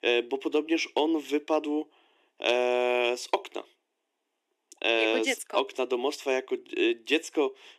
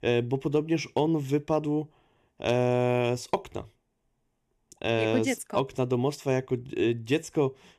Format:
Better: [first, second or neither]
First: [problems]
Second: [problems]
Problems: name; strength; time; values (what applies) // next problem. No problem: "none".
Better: second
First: thin; somewhat; fading below 300 Hz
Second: none